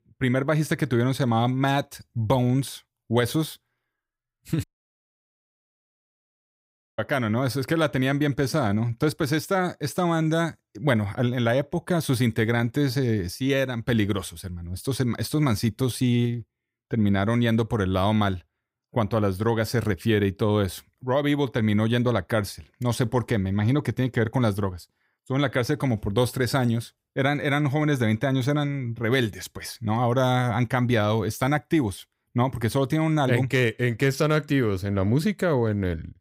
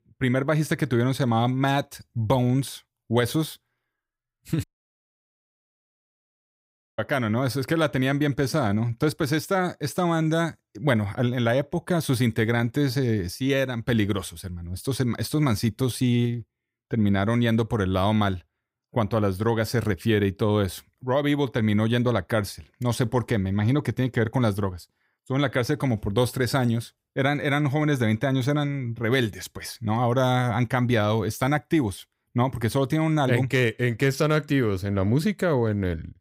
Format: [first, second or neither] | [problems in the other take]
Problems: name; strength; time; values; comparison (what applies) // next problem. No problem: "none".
neither | audio cutting out; at 4.5 s for 2.5 s; the same in both